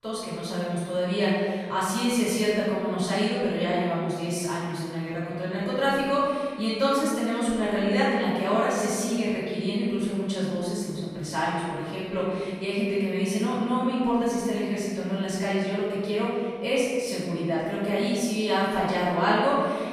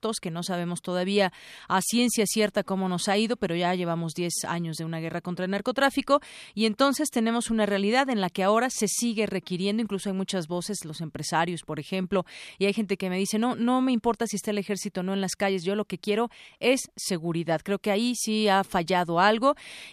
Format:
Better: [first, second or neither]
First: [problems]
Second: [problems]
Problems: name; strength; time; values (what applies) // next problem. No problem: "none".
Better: second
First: room echo; strong; dies away in 2 s // off-mic speech; far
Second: none